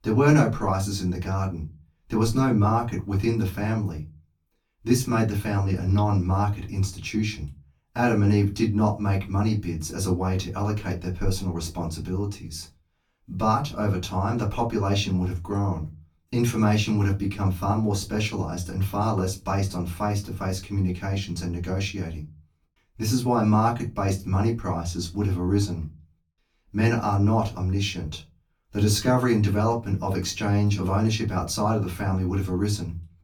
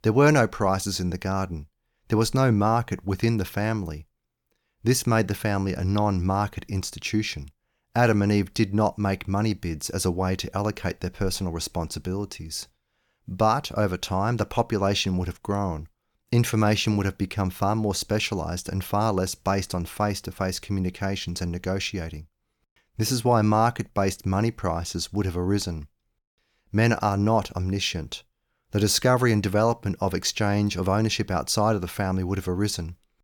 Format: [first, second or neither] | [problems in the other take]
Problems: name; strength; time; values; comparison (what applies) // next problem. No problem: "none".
second | off-mic speech; far // room echo; very slight; dies away in 0.2 s